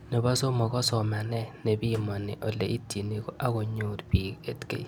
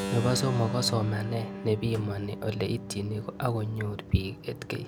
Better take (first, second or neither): first